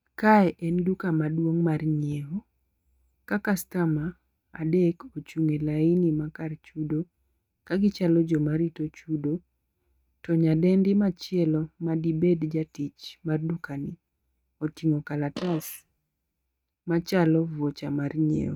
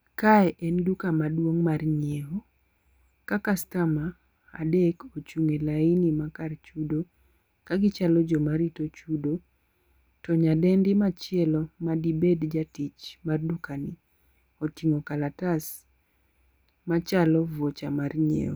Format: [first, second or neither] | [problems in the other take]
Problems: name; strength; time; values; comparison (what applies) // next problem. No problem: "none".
second | noise reduction (neural mask model RNNoise)